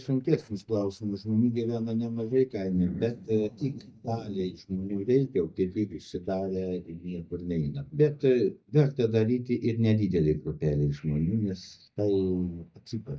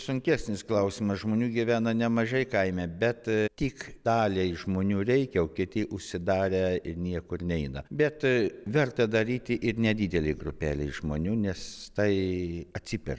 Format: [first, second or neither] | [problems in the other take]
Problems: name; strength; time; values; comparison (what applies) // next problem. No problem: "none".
second | noise reduction (neural mask model DeepFilterNet 3)